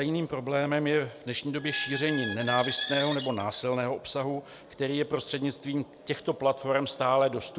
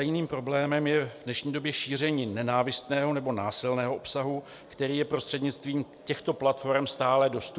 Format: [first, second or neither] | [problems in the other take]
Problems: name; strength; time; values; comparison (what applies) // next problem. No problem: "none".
second | background sound (Squeak); 8 dB below the speech